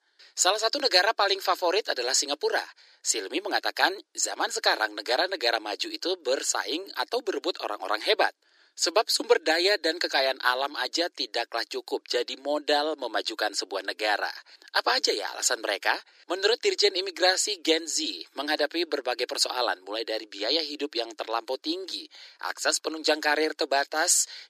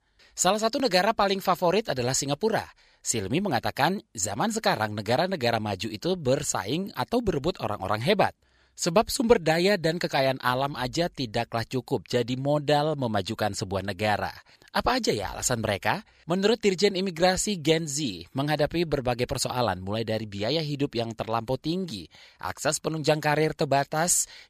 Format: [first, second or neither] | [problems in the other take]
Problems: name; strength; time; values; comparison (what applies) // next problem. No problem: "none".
second | thin; very; fading below 300 Hz